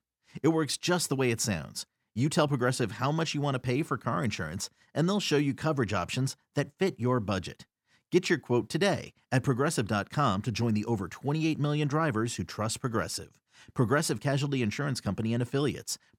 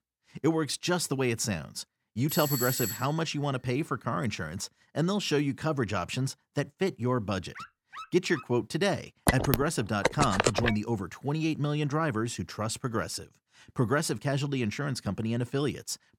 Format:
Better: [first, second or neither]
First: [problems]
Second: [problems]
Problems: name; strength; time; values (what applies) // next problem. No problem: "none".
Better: first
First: none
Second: doorbell; noticeable; at 2.5 s; peak level with the speech // dog barking; faint; at 7.5 s; peak 15 dB below the speech // phone ringing; loud; from 9.5 to 11 s; peak 3 dB above the speech